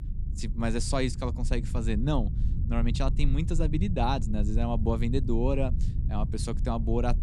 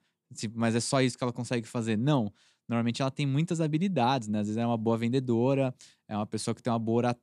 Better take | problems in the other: second | low rumble; noticeable; throughout; 15 dB below the speech

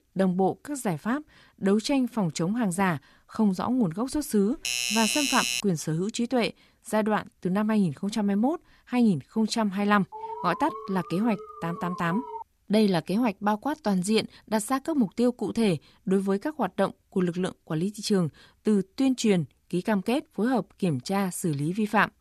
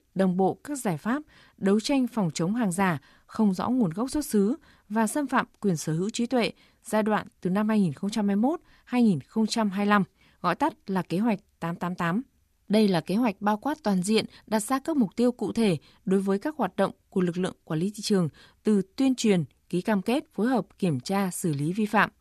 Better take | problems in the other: second | doorbell; loud; from 4.5 to 5.5 s; peak 2 dB above the speech // alarm; noticeable; from 10 to 12 s; peak 9 dB below the speech

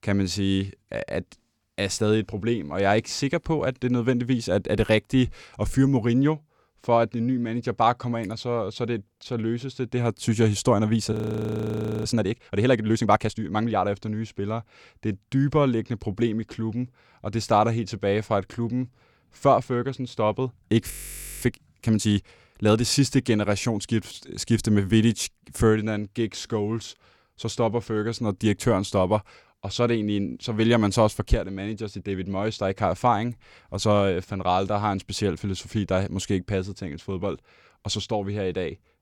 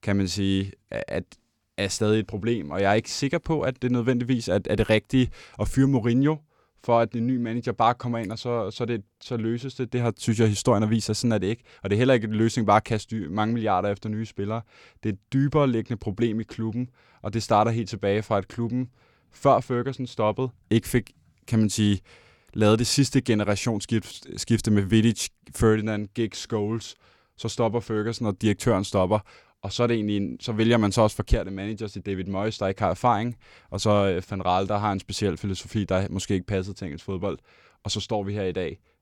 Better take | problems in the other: second | audio freezing; at 11 s for 1 s and at 21 s for 0.5 s

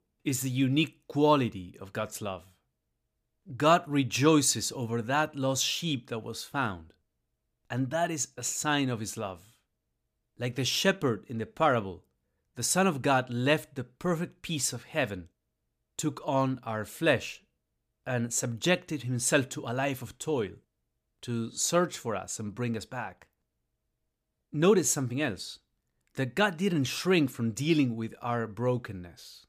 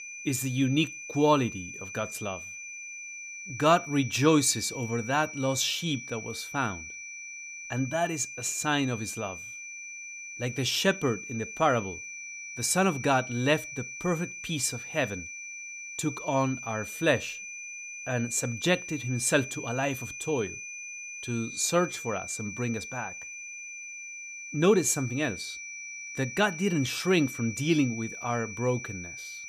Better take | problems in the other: first | high-pitched whine; loud; throughout; 2.5 kHz, 10 dB below the speech

